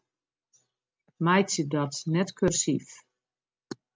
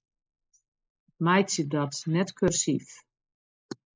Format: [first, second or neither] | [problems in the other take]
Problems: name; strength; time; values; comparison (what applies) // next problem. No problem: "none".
first | noise reduction (neural mask model Resemble Enhance denoiser)